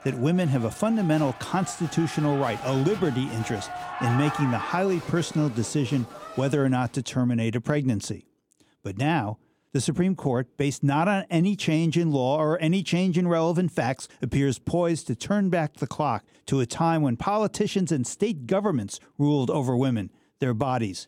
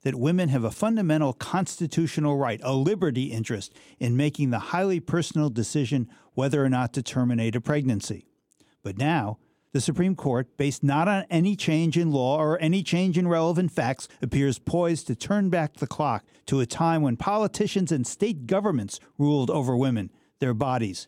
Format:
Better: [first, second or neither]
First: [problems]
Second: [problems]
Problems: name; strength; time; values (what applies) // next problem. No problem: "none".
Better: second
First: crowd noise; noticeable; until 6.5 s; 10 dB below the speech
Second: none